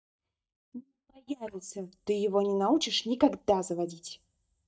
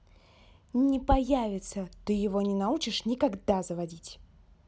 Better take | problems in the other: second | noise reduction (neural mask model DeepFilterNet 3)

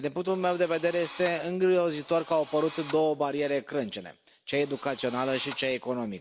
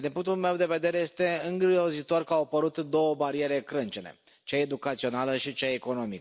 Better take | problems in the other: second | background sound (Drill); 18 dB below the speech

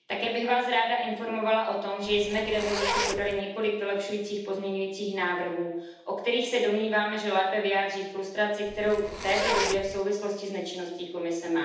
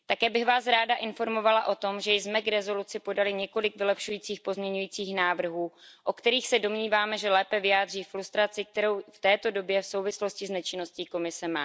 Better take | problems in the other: second | background sound (Zipper (clothing)); 4 dB below the speech // room echo; dies away in 0.8 s

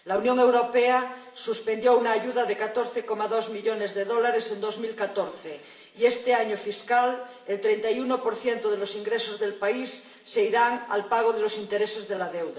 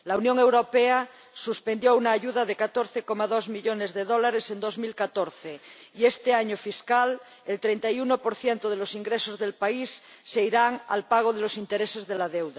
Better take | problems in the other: second | room echo; dies away in 1.4 s

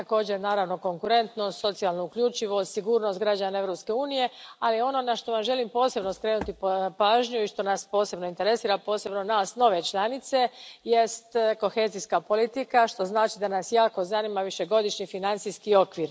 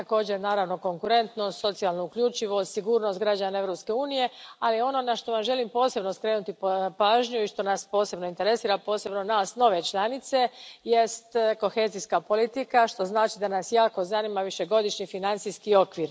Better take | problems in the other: second | background sound (Walk, footsteps); 17 dB below the speech

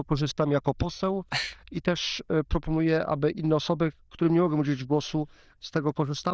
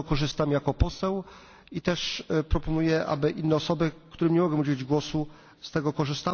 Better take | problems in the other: second | noise reduction (neural diffusion model UNIVERSE++)

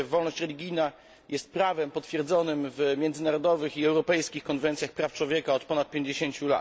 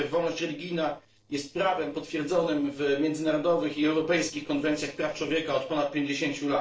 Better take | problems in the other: first | noise reduction (neural separator model SepFormer DNS4)

